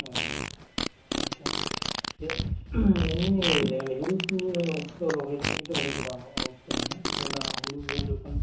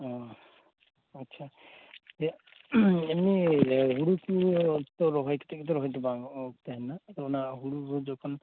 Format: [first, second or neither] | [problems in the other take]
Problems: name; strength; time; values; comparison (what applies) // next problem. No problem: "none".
second | background sound (Fart); as loud as the speech // room echo; dies away in 0.8 s